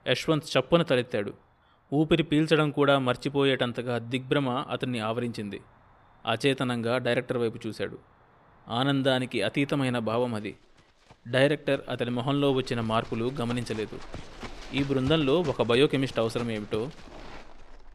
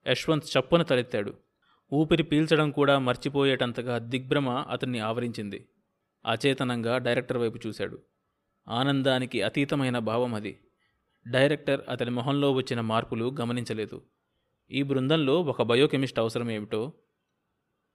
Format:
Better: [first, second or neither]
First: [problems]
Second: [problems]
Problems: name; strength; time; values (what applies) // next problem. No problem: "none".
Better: second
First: animal sounds; faint; throughout; 20 dB below the speech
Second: none